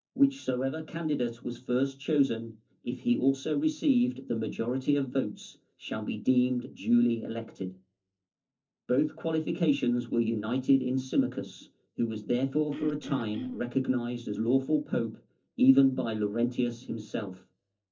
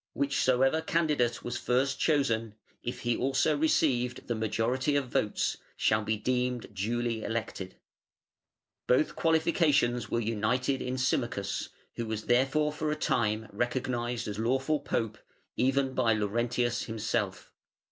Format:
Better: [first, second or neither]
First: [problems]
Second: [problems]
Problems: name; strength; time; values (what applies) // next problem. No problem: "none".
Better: second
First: noise reduction (neural separator model SepFormer DNS4)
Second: none